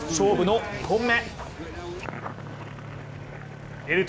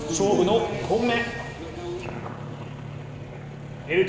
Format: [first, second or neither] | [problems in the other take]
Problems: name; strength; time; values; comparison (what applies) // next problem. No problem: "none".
first | room echo; dies away in 2.1 s